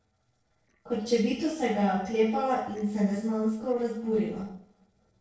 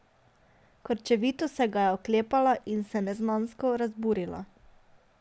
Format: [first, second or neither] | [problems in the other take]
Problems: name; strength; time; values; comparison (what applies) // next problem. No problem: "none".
second | noise reduction (neural separator model SepFormer DNS4)